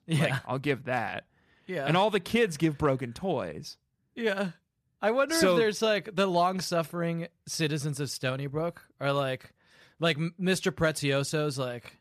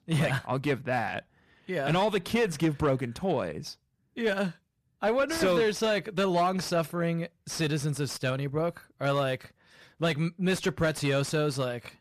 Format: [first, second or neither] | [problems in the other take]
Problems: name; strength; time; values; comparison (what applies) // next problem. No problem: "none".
first | distortion; slight; 10 dB below the speech